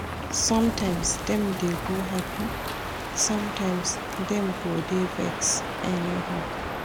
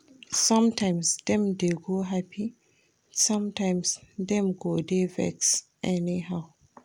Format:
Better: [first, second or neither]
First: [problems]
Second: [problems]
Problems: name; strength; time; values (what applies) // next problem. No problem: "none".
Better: second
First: background sound (Crow); 4 dB below the speech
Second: none